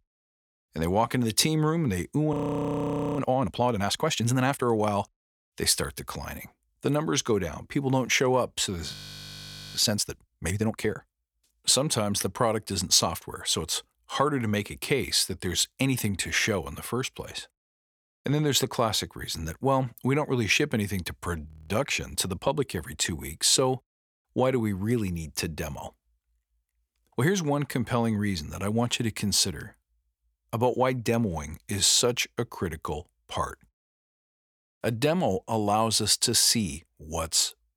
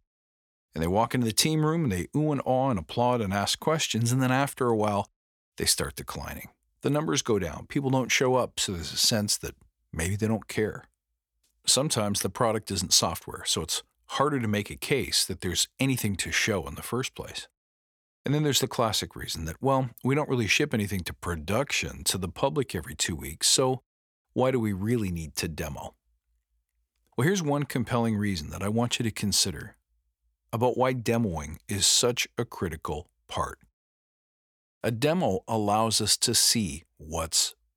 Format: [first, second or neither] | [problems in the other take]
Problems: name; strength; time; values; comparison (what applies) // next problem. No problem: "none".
second | audio freezing; at 2.5 s for 1 s, at 9 s for 1 s and at 21 s